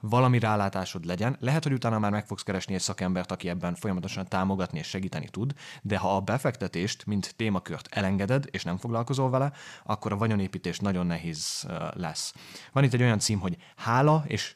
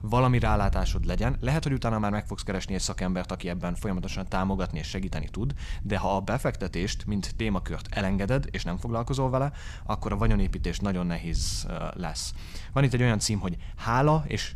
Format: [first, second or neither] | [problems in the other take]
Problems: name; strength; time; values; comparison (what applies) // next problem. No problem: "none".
first | wind noise on the microphone; occasional gusts; 25 dB below the speech